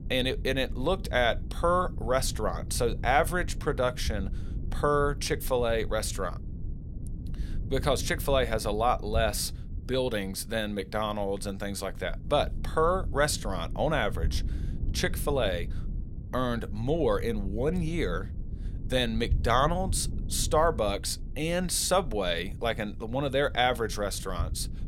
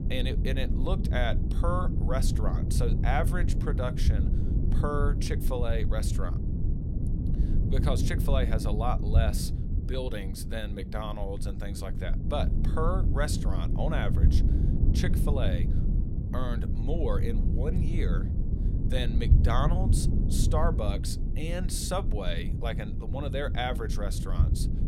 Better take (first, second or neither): first